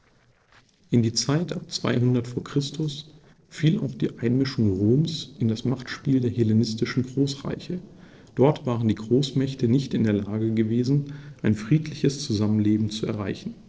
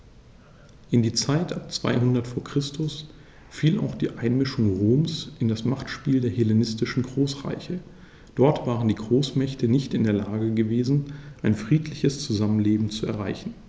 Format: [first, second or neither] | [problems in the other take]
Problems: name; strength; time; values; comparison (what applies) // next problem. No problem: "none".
second | noise reduction (neural separator model SepFormer DNS4)